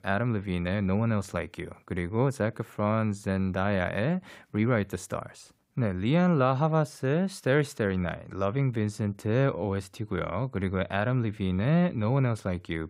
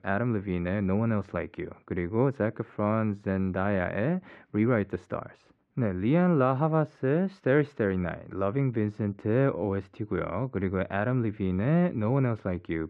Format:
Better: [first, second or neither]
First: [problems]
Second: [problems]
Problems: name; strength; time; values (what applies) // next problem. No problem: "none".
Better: first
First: none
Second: muffled; very; fading above 2 kHz